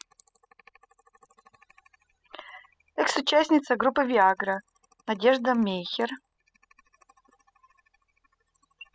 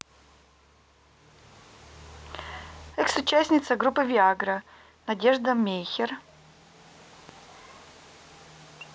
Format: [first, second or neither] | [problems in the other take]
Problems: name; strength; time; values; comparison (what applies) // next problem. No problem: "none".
second | noise reduction (classical method spectral subtraction)